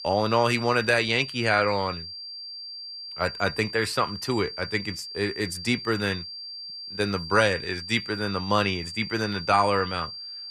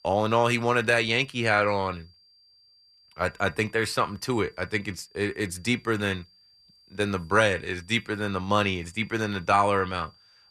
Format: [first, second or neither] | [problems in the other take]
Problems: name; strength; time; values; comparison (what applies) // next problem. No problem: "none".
second | high-pitched whine; loud; throughout; 4.5 kHz, 10 dB below the speech; faint in the second